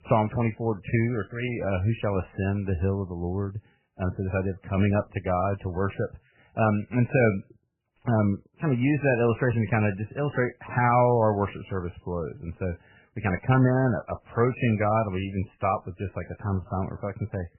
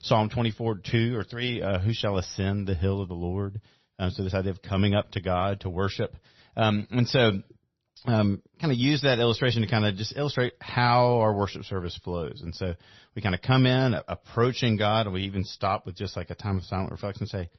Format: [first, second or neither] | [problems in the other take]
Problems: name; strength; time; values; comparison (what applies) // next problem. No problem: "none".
second | garbled, watery; badly; nothing above 2.5 kHz; slightly in the second